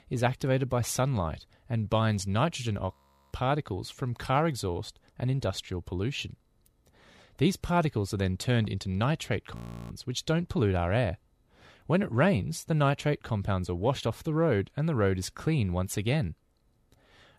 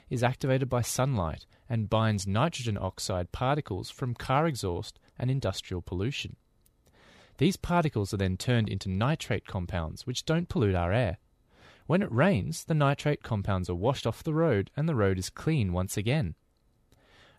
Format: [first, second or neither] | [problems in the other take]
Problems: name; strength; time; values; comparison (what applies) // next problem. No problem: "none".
second | audio freezing; at 3 s and at 9.5 s